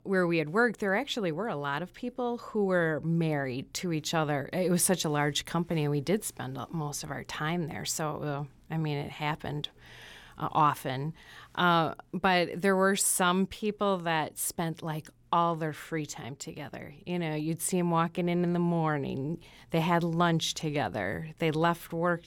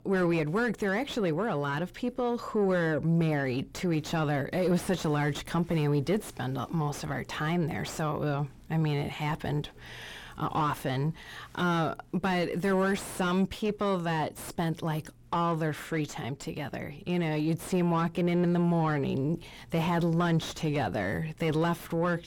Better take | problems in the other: first | distortion; heavy; 6 dB below the speech

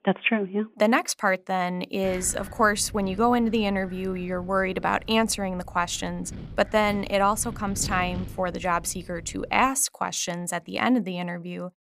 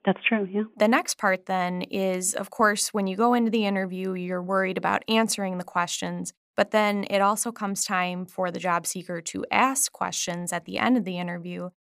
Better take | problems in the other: second | wind noise on the microphone; occasional gusts; from 2 to 9.5 s; 25 dB below the speech

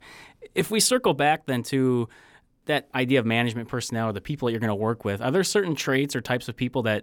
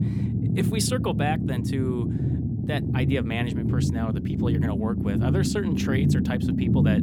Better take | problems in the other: first | low rumble; loud; throughout; 2 dB below the speech

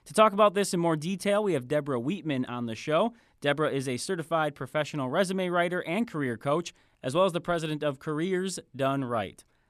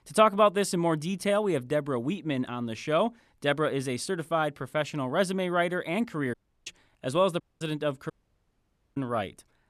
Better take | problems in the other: first | audio cutting out; at 6.5 s, at 7.5 s and at 8 s for 1 s

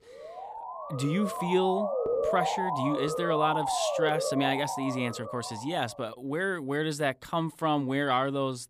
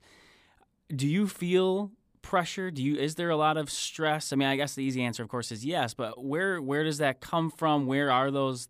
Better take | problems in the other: second | siren; loud; until 6 s; peak 2 dB above the speech

